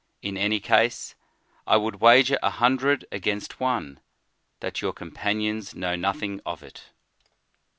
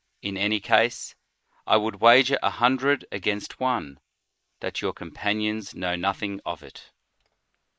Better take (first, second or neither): first